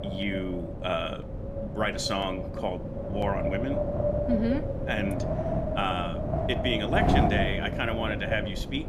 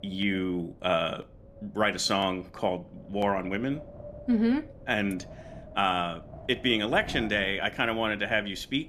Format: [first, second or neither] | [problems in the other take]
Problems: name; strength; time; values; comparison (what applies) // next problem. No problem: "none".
second | wind noise on the microphone; heavy; 1 dB below the speech; occasional gusts in the second